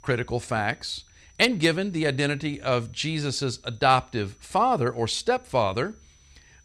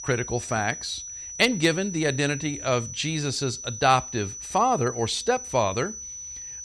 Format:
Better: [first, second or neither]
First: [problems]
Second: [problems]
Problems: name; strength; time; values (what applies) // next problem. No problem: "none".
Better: first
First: high-pitched whine; faint; throughout; 6 kHz, 35 dB below the speech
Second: high-pitched whine; loud; throughout; 6 kHz, 9 dB below the speech